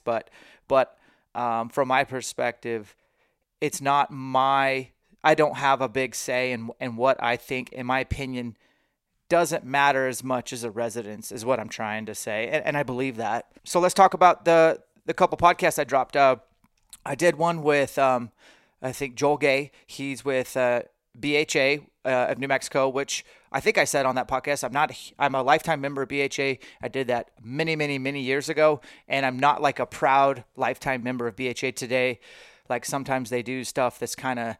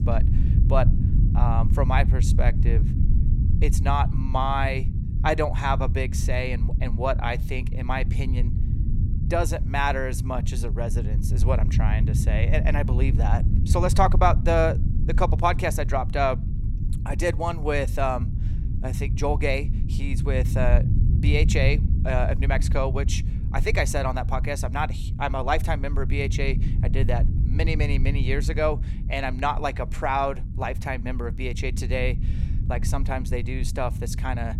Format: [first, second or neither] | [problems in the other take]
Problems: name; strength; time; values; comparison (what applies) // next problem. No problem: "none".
first | low rumble; noticeable; throughout; 10 dB below the speech